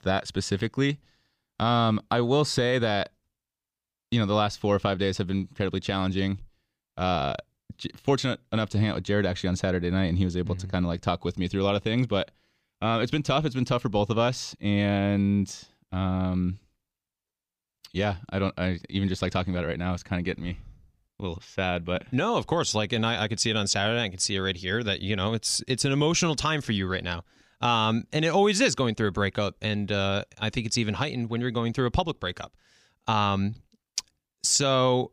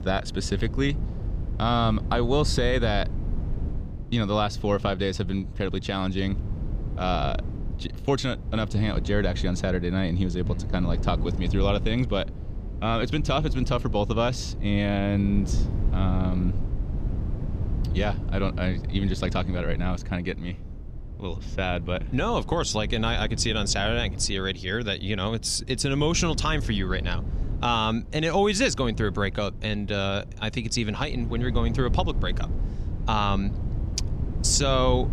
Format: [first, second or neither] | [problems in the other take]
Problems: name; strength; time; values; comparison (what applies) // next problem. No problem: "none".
first | low rumble; noticeable; throughout; 15 dB below the speech